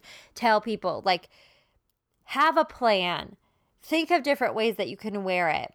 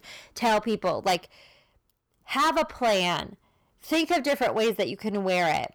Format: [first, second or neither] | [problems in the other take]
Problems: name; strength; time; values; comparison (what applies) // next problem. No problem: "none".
first | distortion; heavy; 9% of the sound clipped